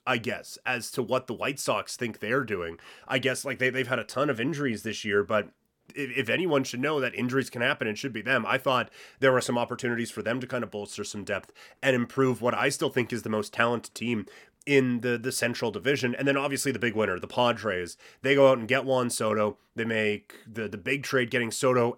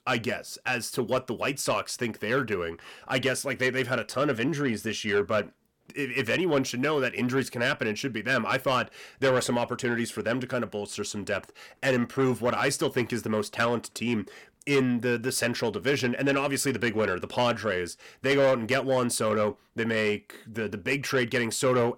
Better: first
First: none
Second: distortion; slight; 10 dB below the speech

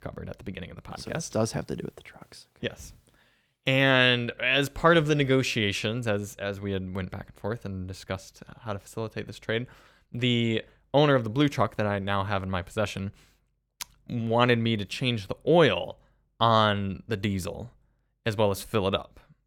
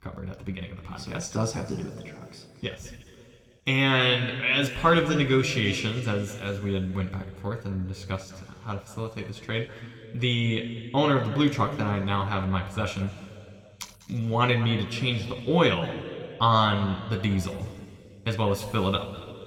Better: first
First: none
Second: room echo; slight; dies away in 2.2 s

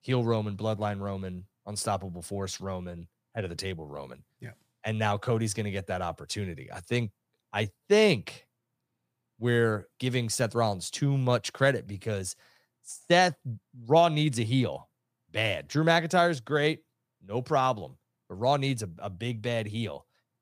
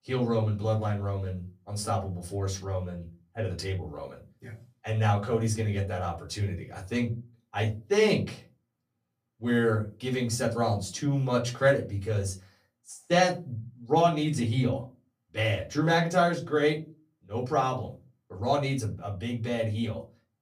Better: first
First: none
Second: off-mic speech; far // room echo; very slight; dies away in 0.3 s

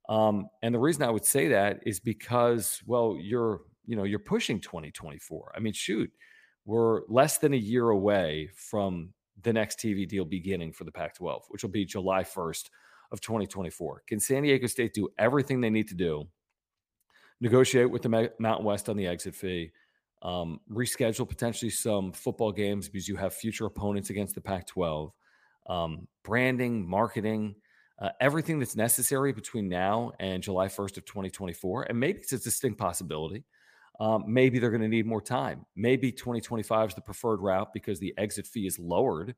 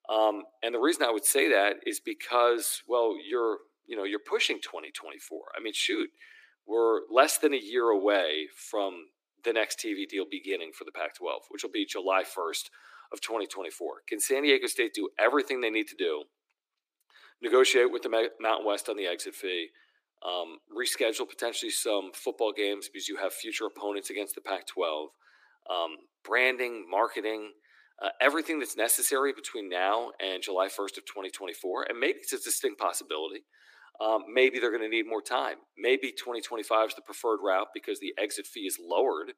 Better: first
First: none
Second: thin; somewhat; fading below 300 Hz

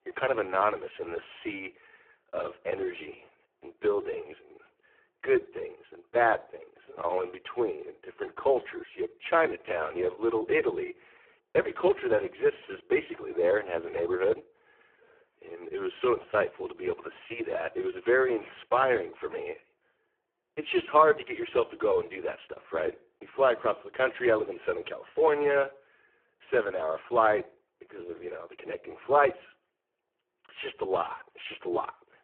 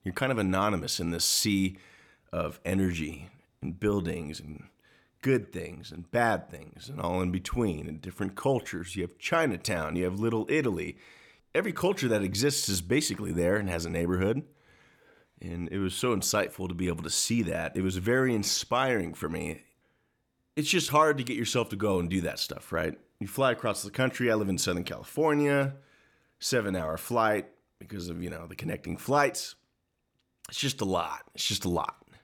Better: second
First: phone-call audio; poor line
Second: none

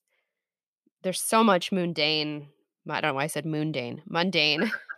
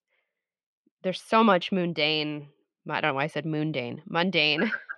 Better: first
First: none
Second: muffled; very slightly; fading above 3 kHz

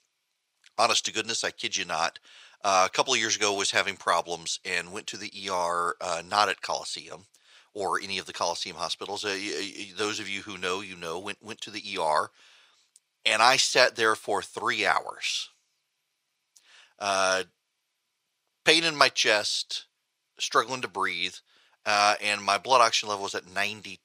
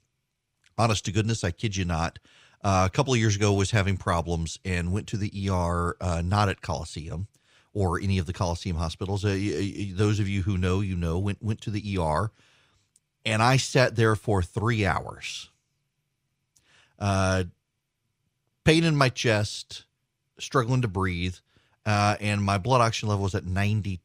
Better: second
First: thin; very; fading below 600 Hz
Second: none

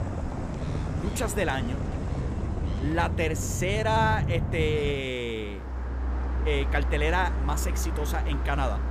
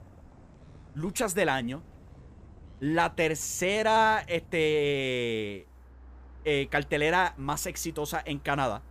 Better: second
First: traffic noise; loud; throughout; 1 dB below the speech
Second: traffic noise; faint; throughout; 25 dB below the speech

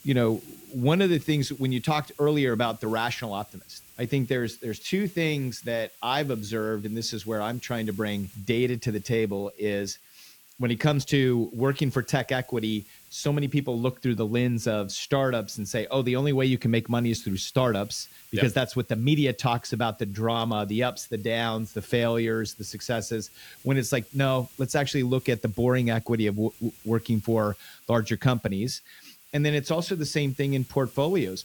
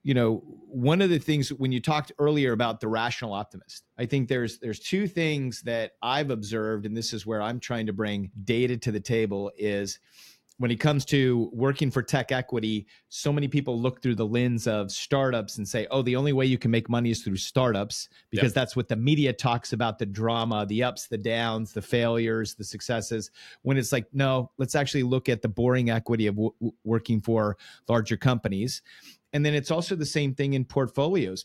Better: second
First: hiss; faint; throughout; 20 dB below the speech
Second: none

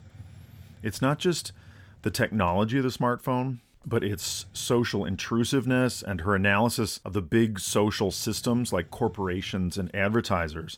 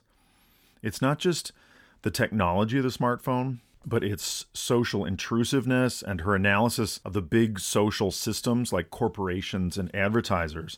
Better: second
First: hiss; faint; until 3 s, from 4 to 6.5 s and from 7.5 to 9.5 s; 25 dB below the speech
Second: none

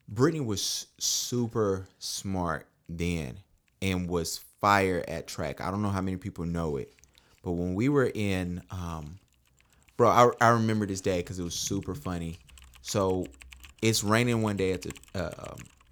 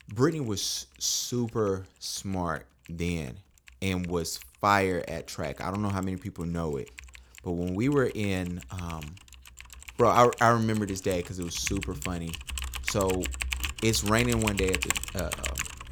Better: first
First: household noises; faint; throughout; 25 dB below the speech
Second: household noises; loud; throughout; 6 dB below the speech

